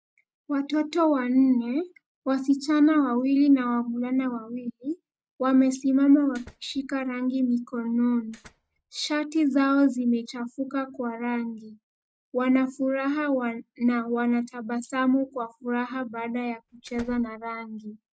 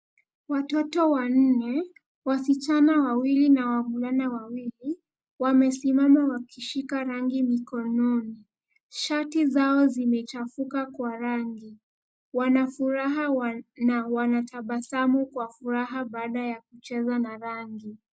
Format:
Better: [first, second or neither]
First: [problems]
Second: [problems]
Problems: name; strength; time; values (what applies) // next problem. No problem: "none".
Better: second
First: noise reduction (neural mask model RNNoise)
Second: none